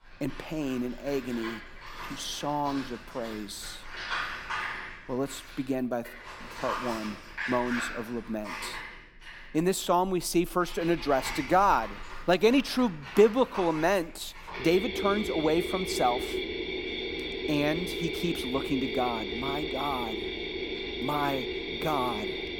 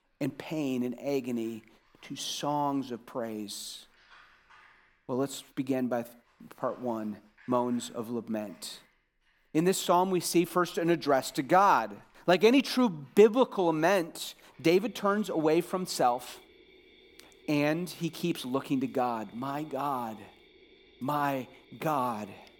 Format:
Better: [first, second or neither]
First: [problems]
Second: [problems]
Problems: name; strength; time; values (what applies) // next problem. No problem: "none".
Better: second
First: machinery noise; loud; throughout; 6 dB below the speech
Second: machinery noise; faint; throughout; 30 dB below the speech